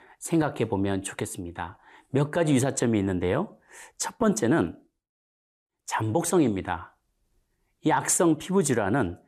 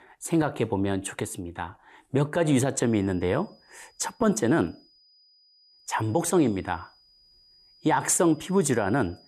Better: first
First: none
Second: high-pitched whine; faint; from 3 s on; 5 kHz, 30 dB below the speech

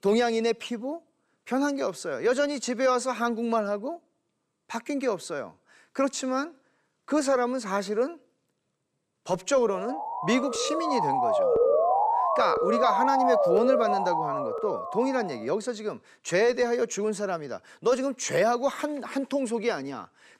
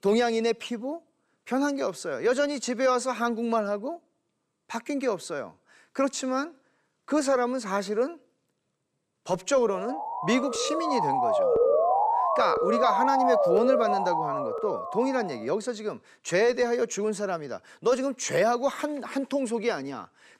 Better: neither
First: siren; loud; from 9.5 to 15 s; peak 6 dB above the speech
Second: siren; loud; from 9.5 to 15 s; peak 6 dB above the speech

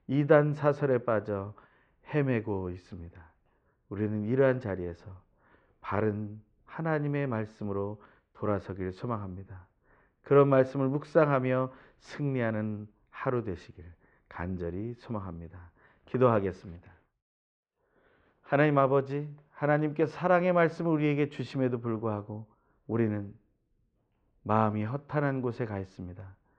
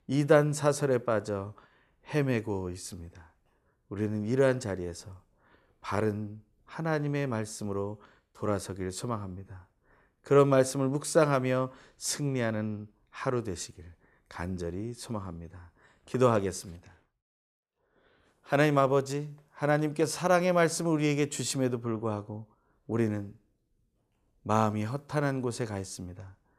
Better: second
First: muffled; very; fading above 2.5 kHz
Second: none

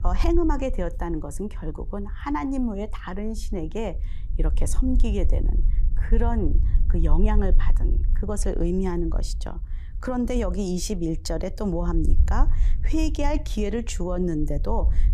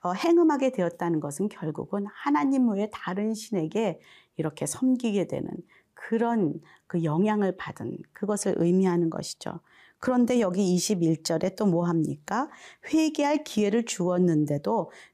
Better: second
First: low rumble; noticeable; throughout; 20 dB below the speech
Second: none

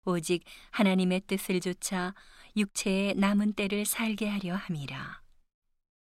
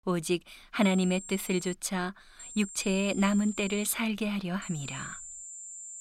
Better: first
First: none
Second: high-pitched whine; noticeable; at 1 s, from 2.5 to 4 s and from 4.5 s on; 7.5 kHz, 15 dB below the speech

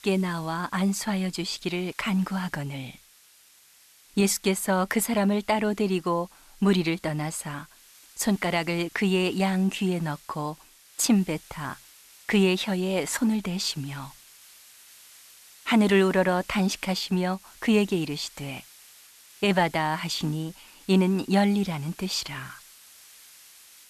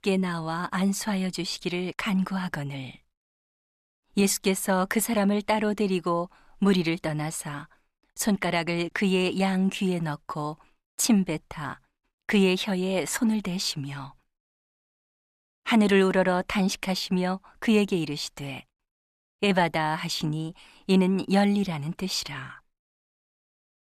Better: second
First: hiss; faint; throughout; 25 dB below the speech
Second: none

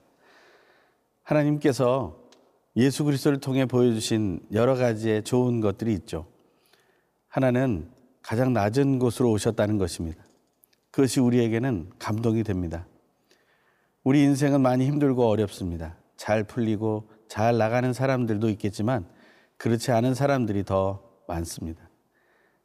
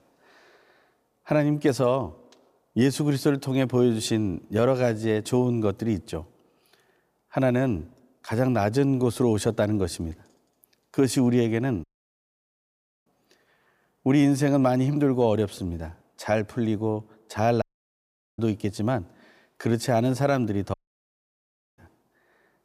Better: first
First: none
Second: audio cutting out; at 12 s for 1 s, at 18 s for 1 s and at 21 s for 1 s

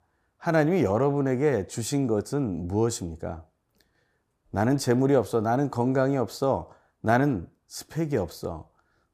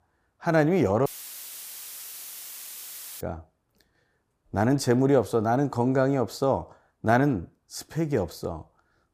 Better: first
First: none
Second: audio cutting out; filled with static; at 1 s for 2 s

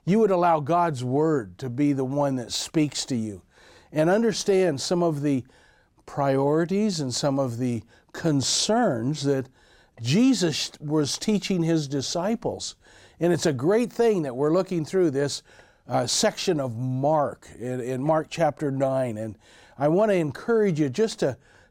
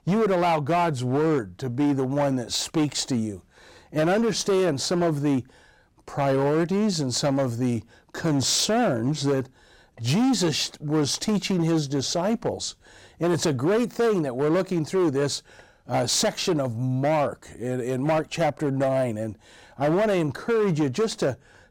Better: first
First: none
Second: distortion; slight; 12% of the sound clipped

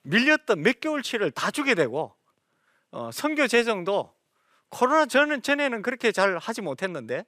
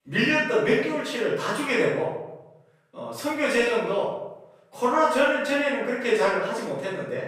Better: first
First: none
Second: off-mic speech; far // room echo; strong; dies away in 0.8 s

